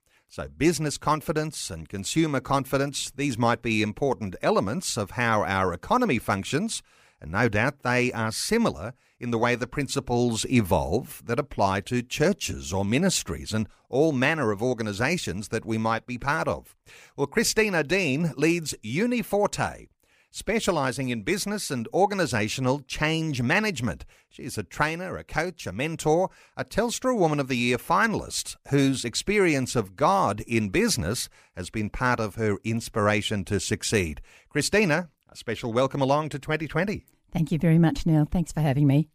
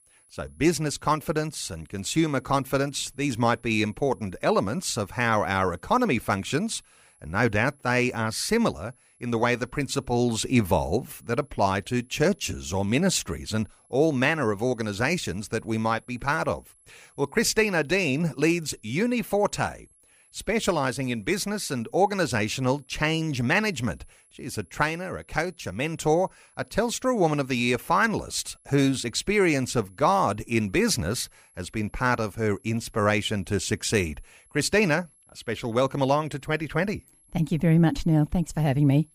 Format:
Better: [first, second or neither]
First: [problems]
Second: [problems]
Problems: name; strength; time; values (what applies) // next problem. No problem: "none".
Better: first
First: none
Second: high-pitched whine; faint; throughout; 11 kHz, 35 dB below the speech